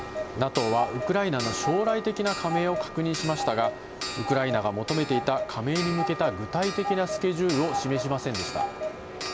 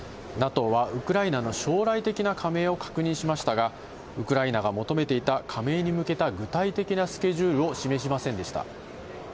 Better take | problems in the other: second | background sound (Clock); 6 dB below the speech

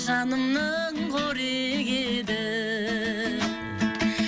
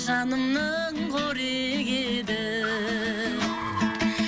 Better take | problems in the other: first | background sound (Car); 13 dB below the speech

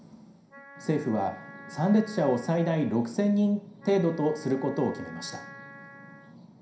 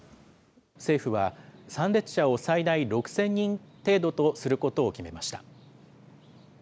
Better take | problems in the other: second | background sound (Wind instrument, woodwind instrument); 20 dB below the speech // room echo; dies away in 0.5 s

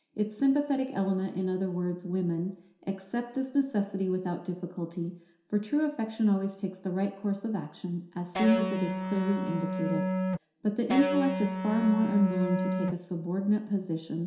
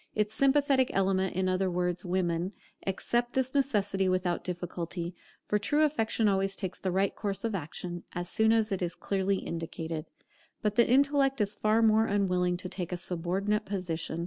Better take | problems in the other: second | background sound (Electric guitar); 1 dB below the speech // room echo; dies away in 0.7 s

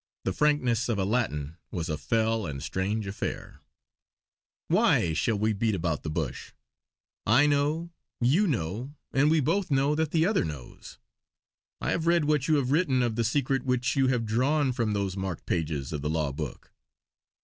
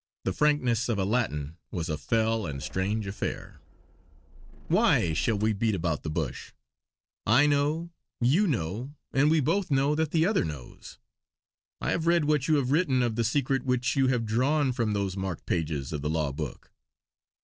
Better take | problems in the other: first | noise reduction (neural separator model SepFormer DNS4)

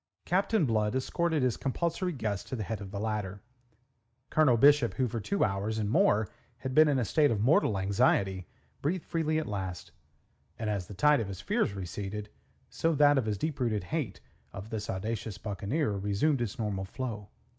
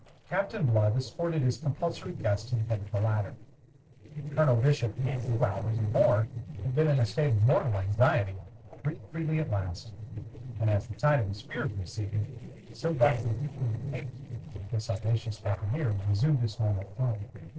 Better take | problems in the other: first | noise reduction (neural separator model SepFormer DNS4)

